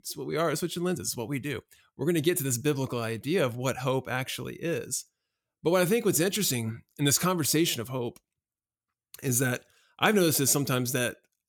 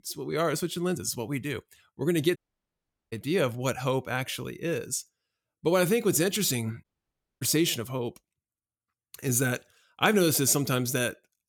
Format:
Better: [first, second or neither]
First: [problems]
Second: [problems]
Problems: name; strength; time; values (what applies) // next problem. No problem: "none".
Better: first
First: none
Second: audio cutting out; at 2.5 s for 1 s and at 7 s for 0.5 s